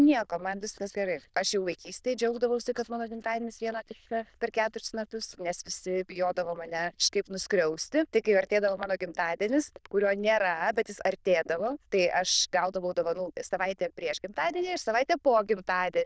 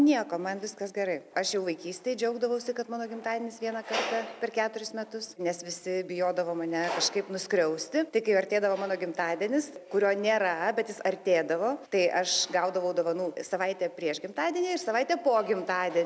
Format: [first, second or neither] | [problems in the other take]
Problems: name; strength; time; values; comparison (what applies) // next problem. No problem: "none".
second | noise reduction (neural diffusion model UNIVERSE++)